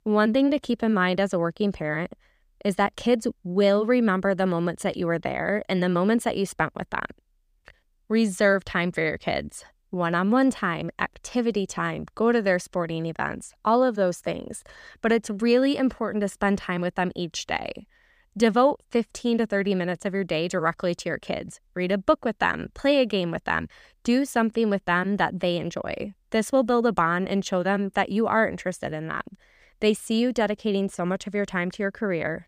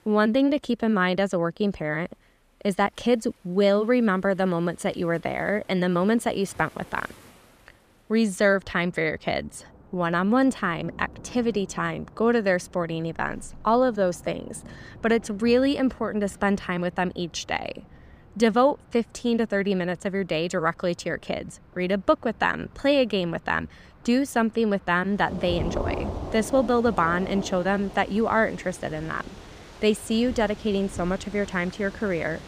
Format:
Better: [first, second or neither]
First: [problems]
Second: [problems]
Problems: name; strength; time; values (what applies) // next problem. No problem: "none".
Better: first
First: none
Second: rain or running water; noticeable; throughout; 15 dB below the speech